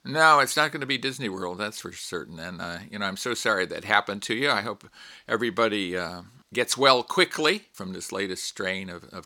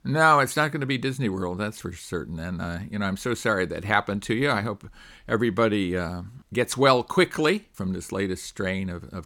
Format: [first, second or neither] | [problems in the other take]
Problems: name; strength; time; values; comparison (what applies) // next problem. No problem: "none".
second | thin; very slightly; fading below 450 Hz